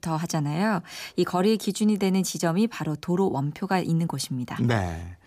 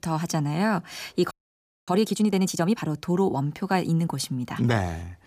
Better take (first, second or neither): first